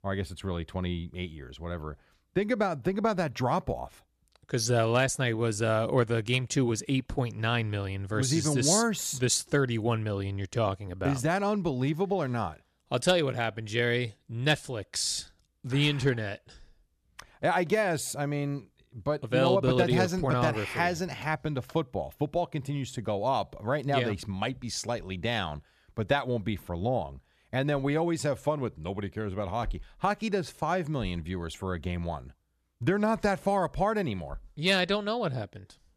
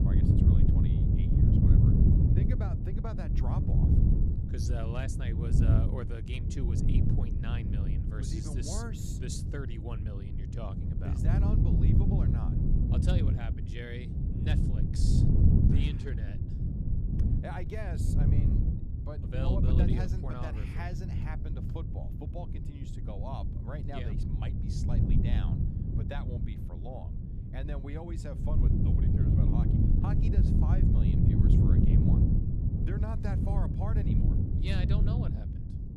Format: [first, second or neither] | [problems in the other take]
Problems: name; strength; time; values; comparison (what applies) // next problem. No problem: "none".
first | wind noise on the microphone; heavy; 4 dB above the speech